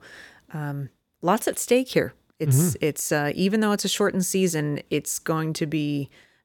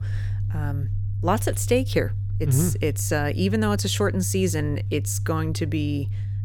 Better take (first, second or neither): first